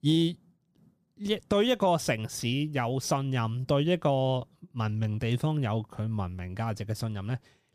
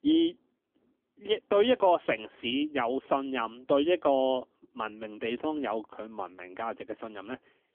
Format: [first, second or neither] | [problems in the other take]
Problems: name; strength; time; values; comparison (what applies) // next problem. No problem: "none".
first | phone-call audio; poor line; nothing above 3.5 kHz